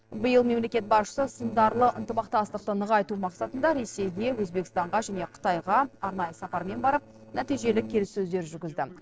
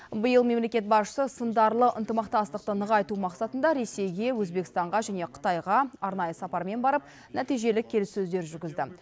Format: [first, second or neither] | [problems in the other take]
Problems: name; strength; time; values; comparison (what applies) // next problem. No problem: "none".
second | noise reduction (neural separator model SepFormer DNS4)